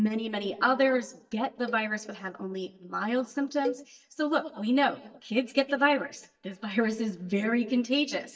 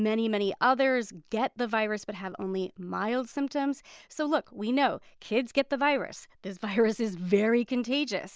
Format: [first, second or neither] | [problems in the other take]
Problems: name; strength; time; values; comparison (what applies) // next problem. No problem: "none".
second | noise reduction (neural mask model DeepFilterNet 3)